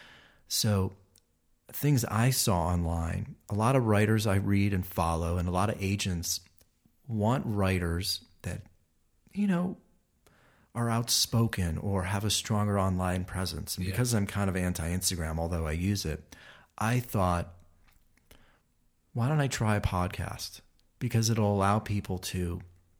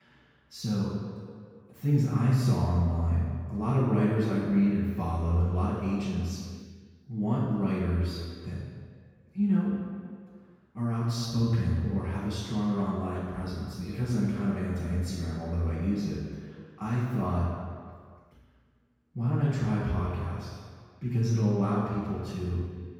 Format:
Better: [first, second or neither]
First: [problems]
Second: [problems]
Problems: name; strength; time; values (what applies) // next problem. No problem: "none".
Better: first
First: none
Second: room echo; strong; dies away in 2 s // off-mic speech; far